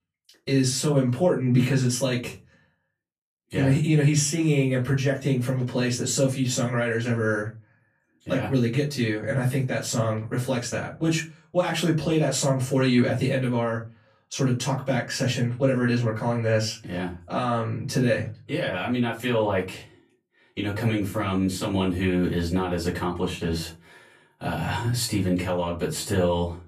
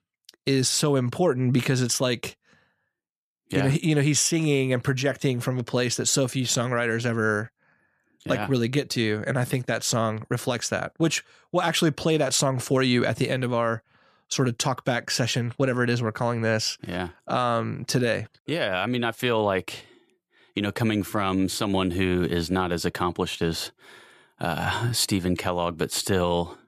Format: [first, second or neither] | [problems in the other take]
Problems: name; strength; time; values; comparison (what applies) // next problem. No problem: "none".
second | off-mic speech; far // room echo; slight; dies away in 0.3 s